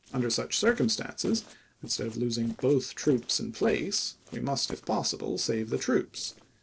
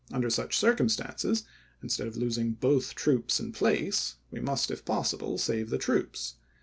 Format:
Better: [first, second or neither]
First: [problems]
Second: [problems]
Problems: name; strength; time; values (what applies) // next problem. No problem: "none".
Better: second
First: noise reduction (neural separator model SepFormer DNS4)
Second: none